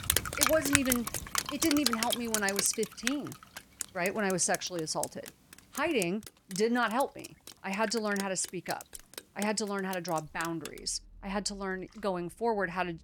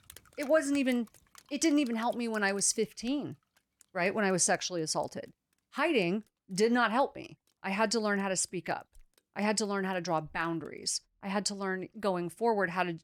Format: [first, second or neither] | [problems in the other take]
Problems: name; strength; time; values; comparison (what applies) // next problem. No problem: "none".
second | rain or running water; loud; throughout; 2 dB below the speech; faint in the second